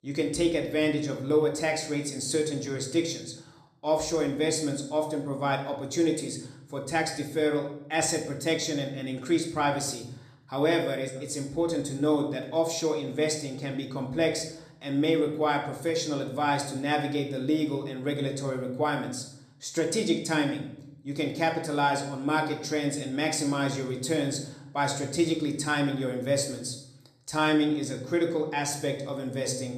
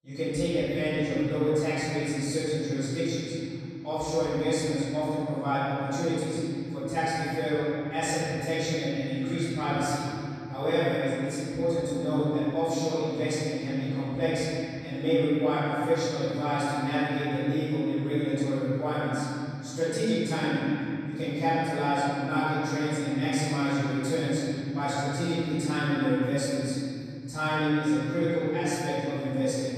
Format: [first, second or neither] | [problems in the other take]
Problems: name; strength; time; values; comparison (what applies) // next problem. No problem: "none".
first | room echo; strong; dies away in 3 s; slight in the first // off-mic speech; far; somewhat distant in the first